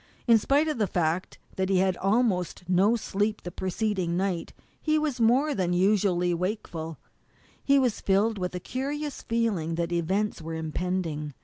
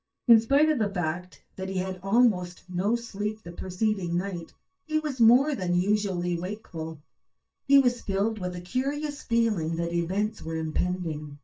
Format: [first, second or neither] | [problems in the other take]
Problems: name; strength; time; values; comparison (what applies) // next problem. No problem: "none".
first | noise reduction (neural mask model DeepFilterNet 3)